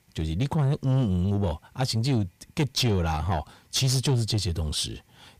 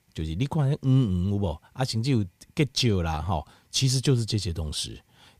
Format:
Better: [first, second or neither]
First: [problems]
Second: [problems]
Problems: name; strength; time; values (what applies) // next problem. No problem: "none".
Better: second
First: distortion; slight; 10 dB below the speech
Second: none